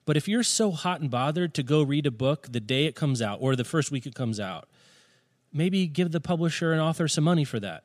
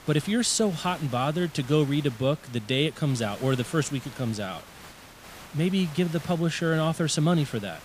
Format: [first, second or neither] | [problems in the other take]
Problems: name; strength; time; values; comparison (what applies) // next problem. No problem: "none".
first | hiss; noticeable; throughout; 20 dB below the speech